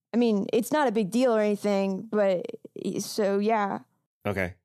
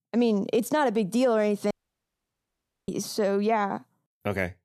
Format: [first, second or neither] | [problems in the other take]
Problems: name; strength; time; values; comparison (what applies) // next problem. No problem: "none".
first | audio cutting out; at 1.5 s for 1 s